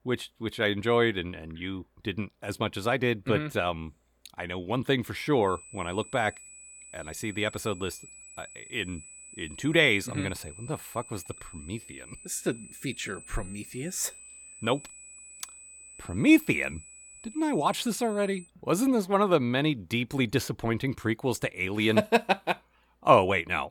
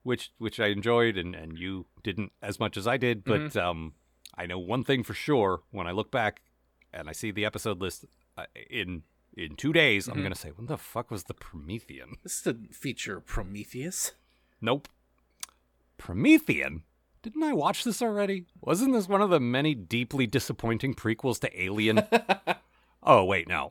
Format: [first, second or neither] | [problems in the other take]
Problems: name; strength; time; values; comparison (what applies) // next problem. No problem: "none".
second | high-pitched whine; noticeable; from 5.5 to 18 s; 8 kHz, 20 dB below the speech